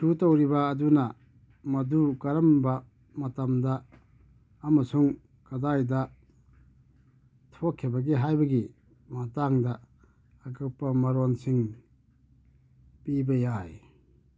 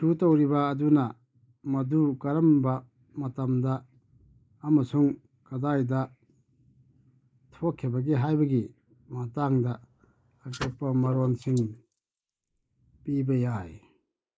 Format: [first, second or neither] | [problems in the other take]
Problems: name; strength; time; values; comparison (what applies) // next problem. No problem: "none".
first | noise reduction (neural mask model Resemble Enhance denoiser)